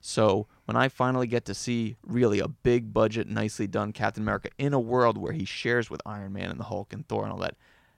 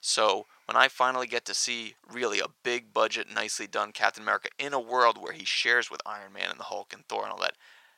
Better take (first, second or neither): first